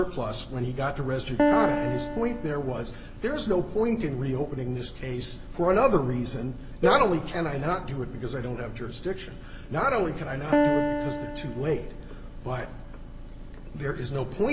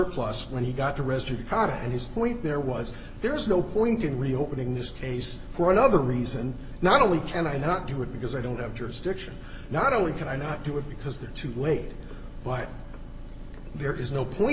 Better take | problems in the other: second | background sound (Piano + Cowbell); 2 dB below the speech

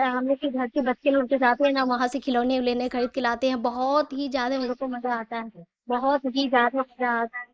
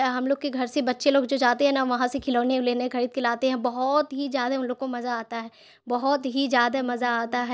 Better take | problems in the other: second | noise reduction (neural mask model Resemble Enhance denoiser)

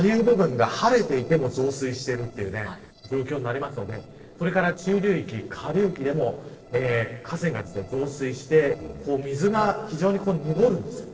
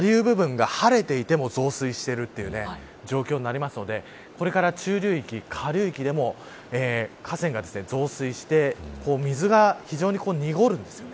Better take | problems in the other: second | noise reduction (neural separator model SepFormer DNS4)

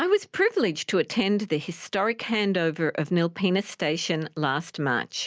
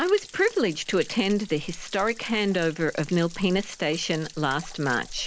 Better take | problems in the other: first | background sound (Stream / Trickle, dribble / Splash, splatter); 16 dB below the speech

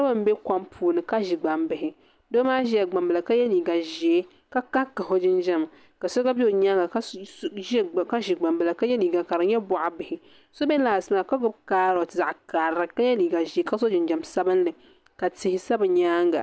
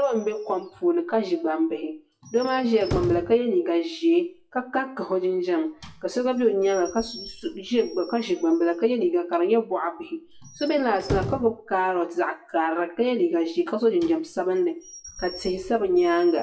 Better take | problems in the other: first | noise reduction (classical method WPE with log-MMSE)

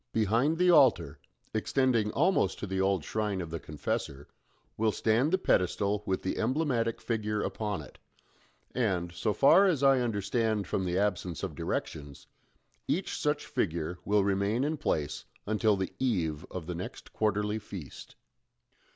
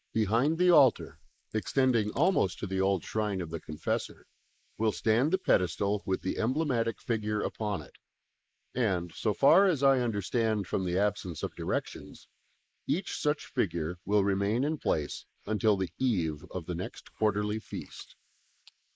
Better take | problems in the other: first | noise reduction (neural mask model Resemble Enhance denoiser)

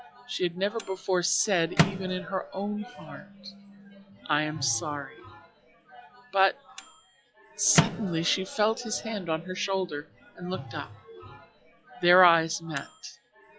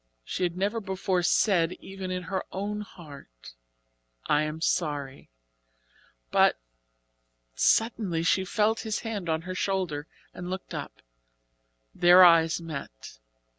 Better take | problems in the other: second | noise reduction (classical method log-MMSE)

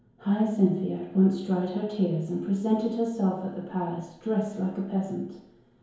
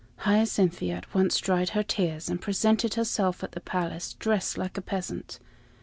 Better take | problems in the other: second | room echo; dies away in 1 s

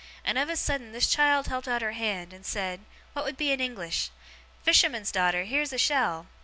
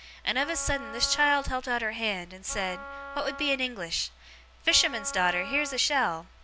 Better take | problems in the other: first | background sound (Wind instrument, woodwind instrument); 14 dB below the speech

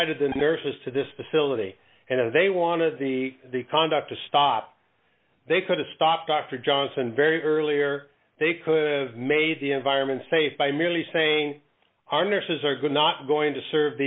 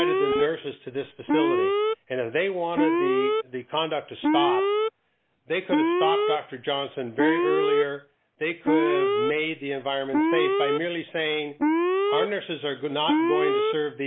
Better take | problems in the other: first | background sound (Alarm); 3 dB above the speech

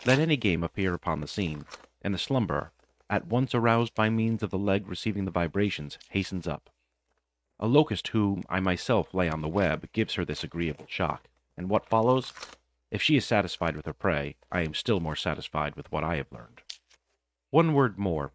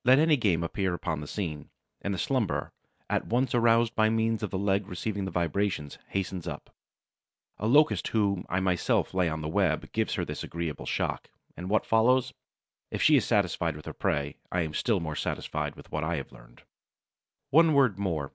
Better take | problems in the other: second | noise reduction (neural mask model RNNoise)

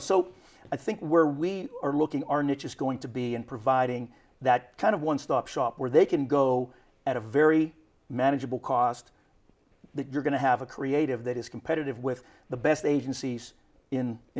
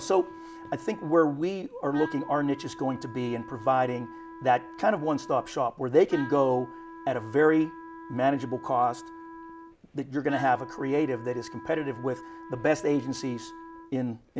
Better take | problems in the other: first | background sound (Wind instrument, woodwind instrument); 15 dB below the speech

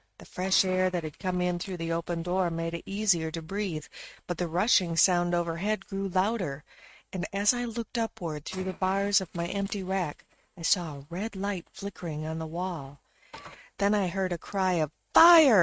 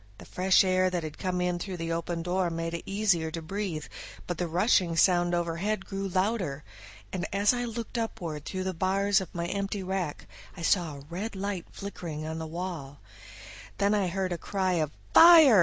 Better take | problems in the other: second | noise reduction (neural mask model RNNoise)

